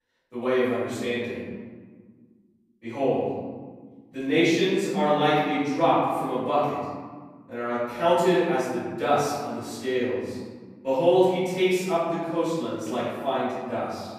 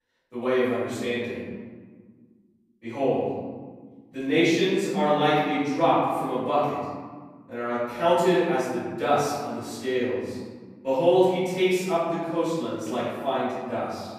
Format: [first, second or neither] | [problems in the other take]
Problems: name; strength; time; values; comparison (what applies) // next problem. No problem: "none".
neither | off-mic speech; far; the same in both // room echo; strong; dies away in 1.6 s; the same in both